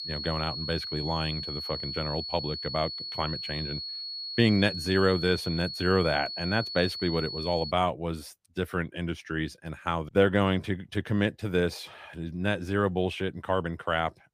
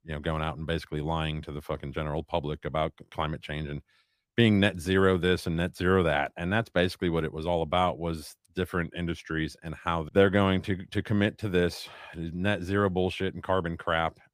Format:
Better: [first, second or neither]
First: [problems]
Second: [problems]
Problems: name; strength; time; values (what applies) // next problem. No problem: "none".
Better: second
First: high-pitched whine; loud; until 7.5 s; 4.5 kHz, 5 dB below the speech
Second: none